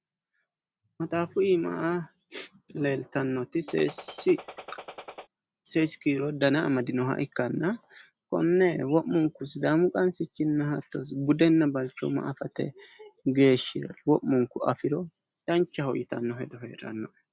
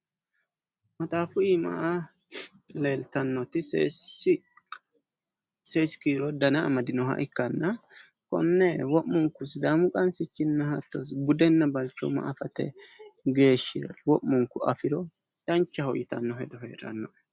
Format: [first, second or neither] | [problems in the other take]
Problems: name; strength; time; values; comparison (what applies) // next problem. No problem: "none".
second | background sound (Gunshot, gunfire); 15 dB below the speech